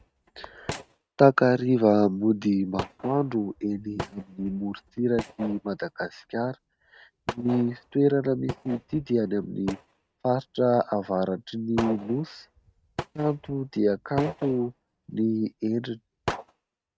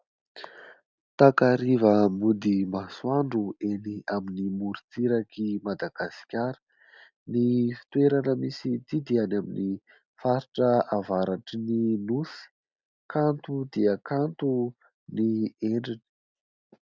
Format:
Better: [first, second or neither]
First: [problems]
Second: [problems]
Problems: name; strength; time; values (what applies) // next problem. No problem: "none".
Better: second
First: noise reduction (neural mask model RNNoise)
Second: none